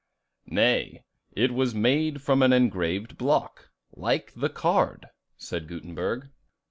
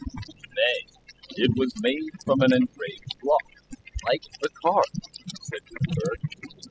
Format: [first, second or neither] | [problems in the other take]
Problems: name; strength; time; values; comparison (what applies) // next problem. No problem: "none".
first | noise reduction (classical method spectral subtraction)